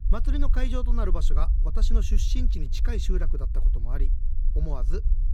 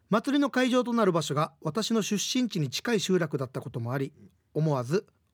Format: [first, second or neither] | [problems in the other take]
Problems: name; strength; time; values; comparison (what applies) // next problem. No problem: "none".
second | low rumble; noticeable; throughout; 10 dB below the speech